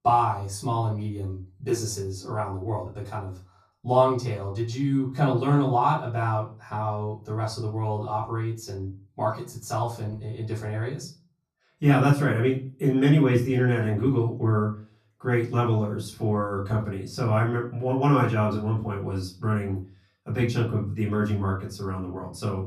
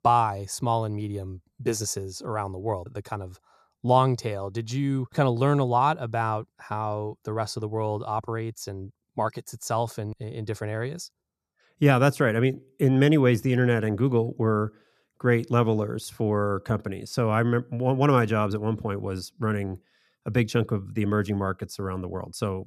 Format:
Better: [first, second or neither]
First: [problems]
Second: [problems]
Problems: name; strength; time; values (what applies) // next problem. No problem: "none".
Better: second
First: room echo; slight; dies away in 0.3 s // off-mic speech; far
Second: none